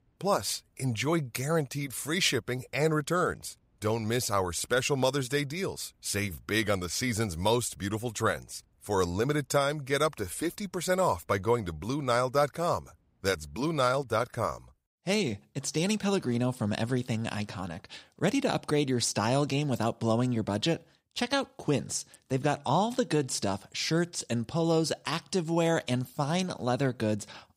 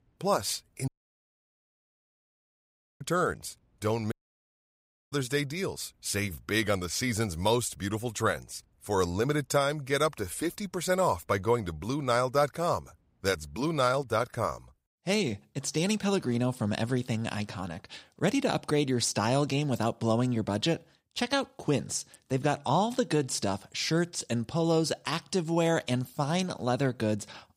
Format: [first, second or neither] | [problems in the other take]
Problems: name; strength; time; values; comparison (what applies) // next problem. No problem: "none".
first | audio cutting out; at 1 s for 2 s and at 4 s for 1 s